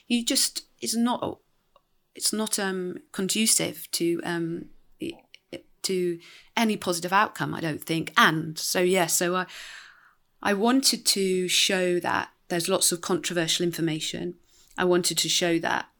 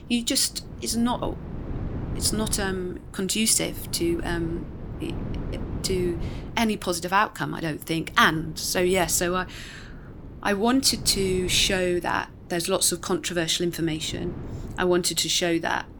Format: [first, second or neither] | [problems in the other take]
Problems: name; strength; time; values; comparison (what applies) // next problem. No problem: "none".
first | wind noise on the microphone; occasional gusts; 20 dB below the speech